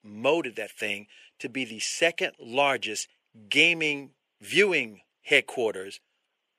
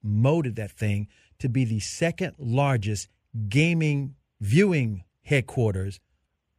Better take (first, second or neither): second